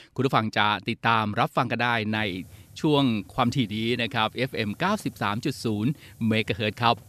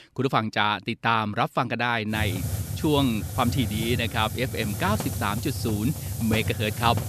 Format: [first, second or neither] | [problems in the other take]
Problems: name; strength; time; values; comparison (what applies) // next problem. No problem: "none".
first | hiss; loud; from 2 s on; 5 dB below the speech; faint in the first